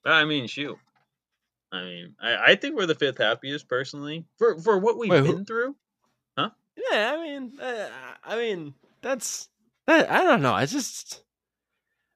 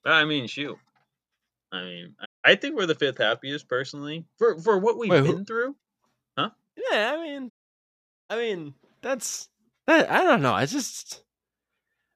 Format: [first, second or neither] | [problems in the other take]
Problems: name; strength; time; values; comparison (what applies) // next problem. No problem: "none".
first | audio cutting out; at 2.5 s and at 7.5 s for 1 s